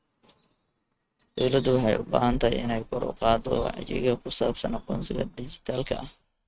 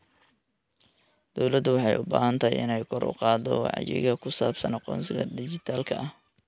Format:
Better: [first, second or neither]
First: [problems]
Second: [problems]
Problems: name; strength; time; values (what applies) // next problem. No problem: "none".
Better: second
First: noise reduction (neural mask model RNNoise)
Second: none